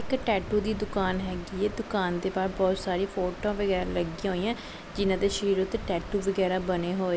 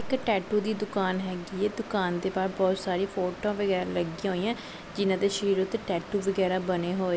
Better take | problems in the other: second | background sound (Wind); 14 dB below the speech

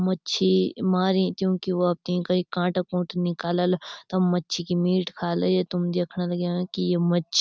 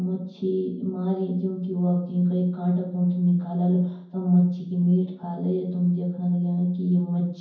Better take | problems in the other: first | room echo; dies away in 0.9 s

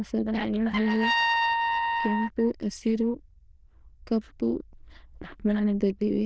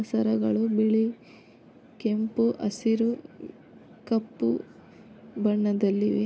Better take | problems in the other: second | noise reduction (neural diffusion model UNIVERSE++)

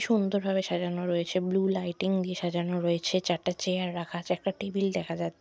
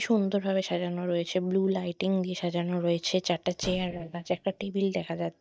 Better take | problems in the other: first | noise reduction (neural mask model DeepFilterNet 3)

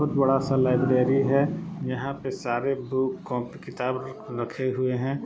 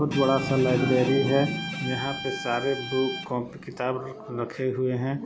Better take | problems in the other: first | background sound (Bowed string instrument); 10 dB below the speech

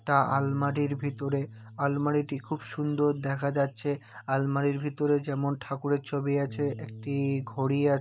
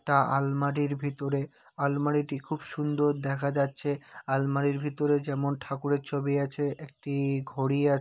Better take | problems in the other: second | background sound (Bass guitar); 17 dB below the speech

